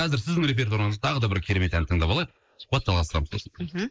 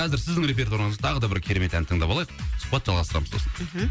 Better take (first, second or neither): second